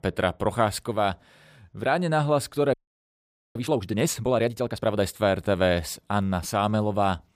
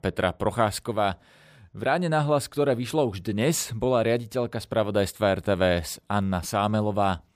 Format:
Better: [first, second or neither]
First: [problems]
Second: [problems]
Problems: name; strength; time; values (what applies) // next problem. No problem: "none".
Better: second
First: audio freezing; at 2.5 s for 1 s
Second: none